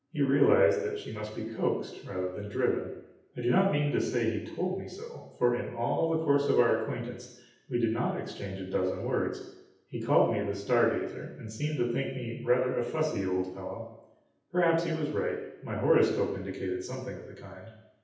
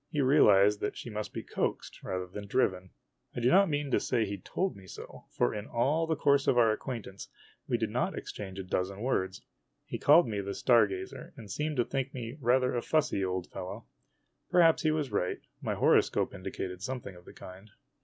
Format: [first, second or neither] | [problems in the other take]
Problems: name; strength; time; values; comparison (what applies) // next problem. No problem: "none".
second | room echo; dies away in 0.9 s